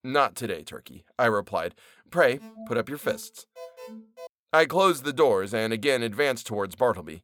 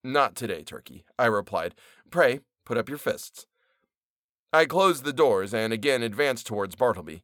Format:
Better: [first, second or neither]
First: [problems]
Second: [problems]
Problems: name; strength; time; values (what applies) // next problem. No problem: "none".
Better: second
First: alarm; faint; from 2.5 to 4.5 s; peak 20 dB below the speech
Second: none